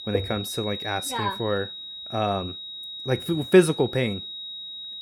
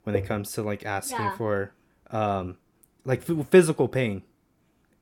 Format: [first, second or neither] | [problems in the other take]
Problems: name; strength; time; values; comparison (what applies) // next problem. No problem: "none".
second | high-pitched whine; loud; throughout; 4 kHz, 9 dB below the speech